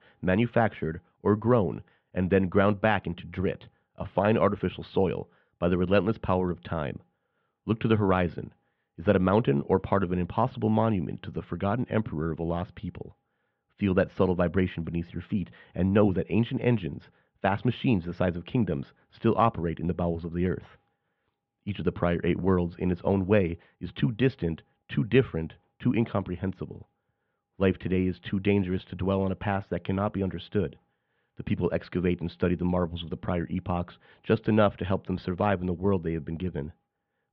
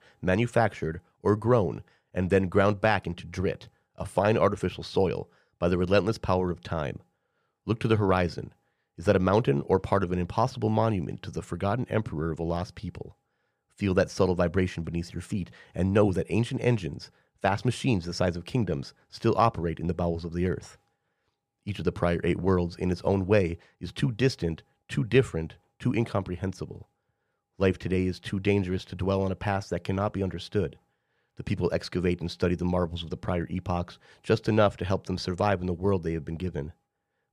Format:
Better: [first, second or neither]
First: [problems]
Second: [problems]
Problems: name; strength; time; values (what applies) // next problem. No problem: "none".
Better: second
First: muffled; very; fading above 3.5 kHz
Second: none